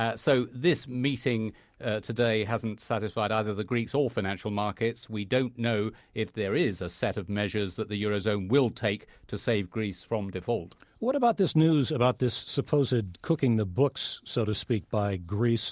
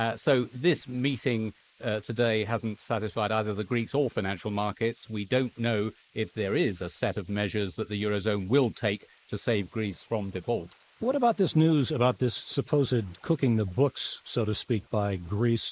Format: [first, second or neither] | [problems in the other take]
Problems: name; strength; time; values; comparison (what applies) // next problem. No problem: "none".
first | noise reduction (neural mask model Resemble Enhance denoiser)